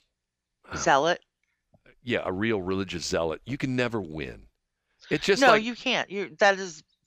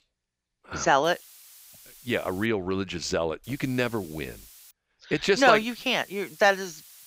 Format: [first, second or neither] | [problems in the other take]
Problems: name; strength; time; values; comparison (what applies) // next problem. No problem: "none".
first | hiss; faint; from 1 to 2.5 s, from 3.5 to 4.5 s and from 5.5 s on; 25 dB below the speech